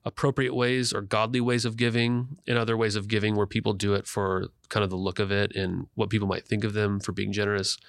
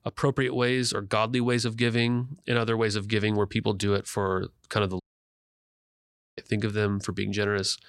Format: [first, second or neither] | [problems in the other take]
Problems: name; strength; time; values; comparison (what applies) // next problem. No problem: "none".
first | audio cutting out; at 5 s for 1.5 s